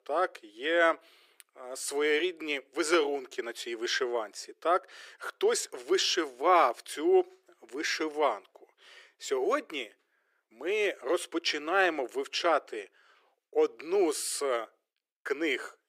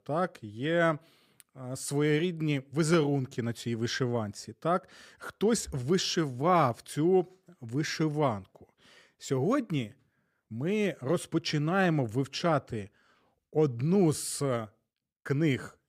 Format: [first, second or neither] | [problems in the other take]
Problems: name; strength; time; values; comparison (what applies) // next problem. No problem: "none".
second | thin; very; fading below 350 Hz